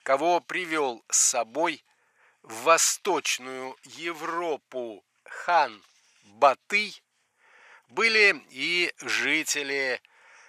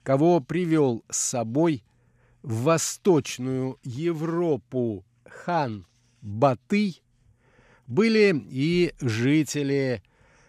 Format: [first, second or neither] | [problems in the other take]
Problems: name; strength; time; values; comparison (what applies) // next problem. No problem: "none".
second | thin; very; fading below 900 Hz